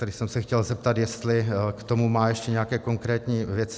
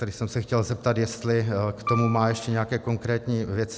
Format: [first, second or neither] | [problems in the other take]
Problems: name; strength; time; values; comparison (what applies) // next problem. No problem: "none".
first | background sound (Piano); 9 dB below the speech